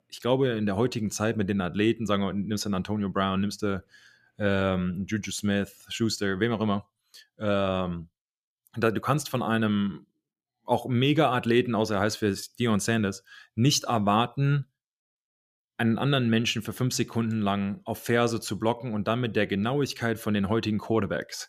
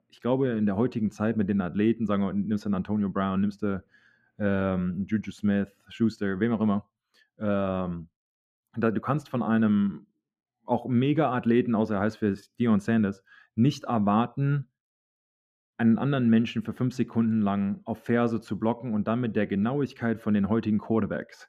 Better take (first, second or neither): first